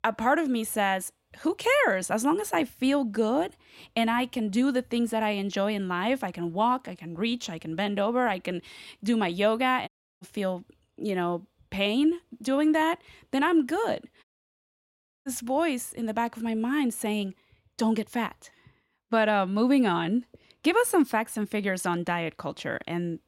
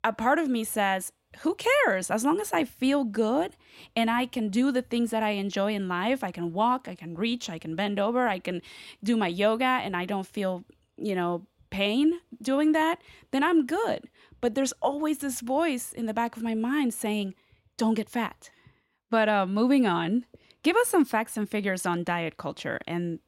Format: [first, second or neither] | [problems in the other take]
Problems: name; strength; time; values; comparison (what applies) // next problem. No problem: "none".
second | audio cutting out; at 10 s and at 14 s for 1 s